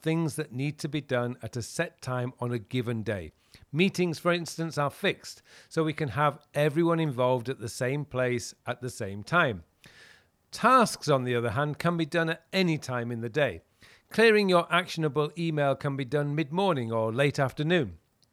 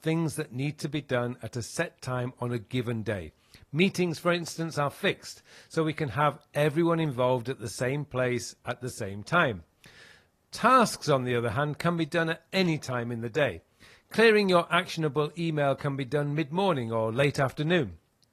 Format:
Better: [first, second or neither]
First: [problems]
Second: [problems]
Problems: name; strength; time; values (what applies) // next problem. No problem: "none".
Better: first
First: none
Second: garbled, watery; slightly; nothing above 13 kHz